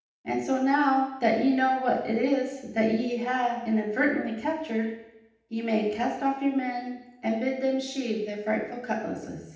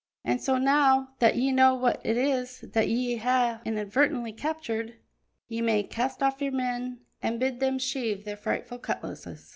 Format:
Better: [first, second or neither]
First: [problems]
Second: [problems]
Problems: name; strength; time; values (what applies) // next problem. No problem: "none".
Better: second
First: room echo; dies away in 0.8 s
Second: none